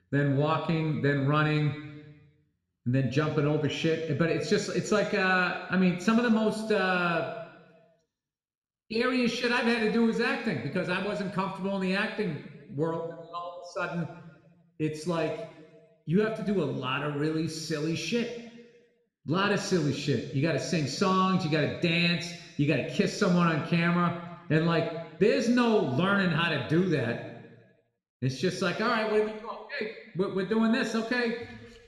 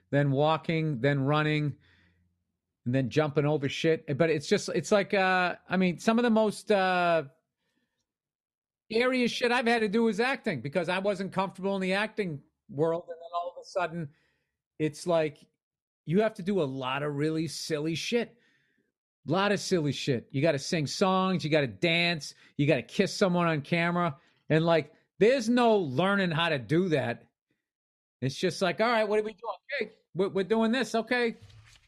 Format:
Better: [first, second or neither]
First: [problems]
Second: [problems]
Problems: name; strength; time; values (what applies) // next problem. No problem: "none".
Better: second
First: room echo; slight; dies away in 1.1 s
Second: none